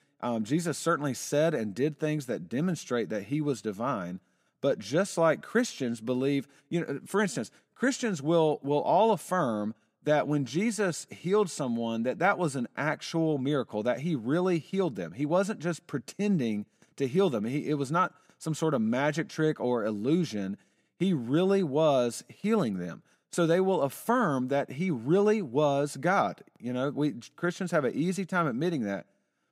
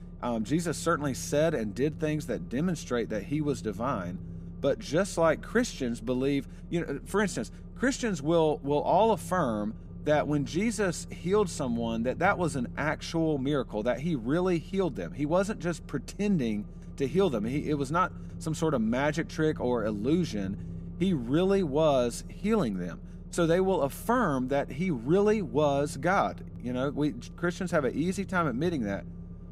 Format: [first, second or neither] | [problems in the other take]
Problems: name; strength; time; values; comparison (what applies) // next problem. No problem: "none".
first | low rumble; faint; throughout; 25 dB below the speech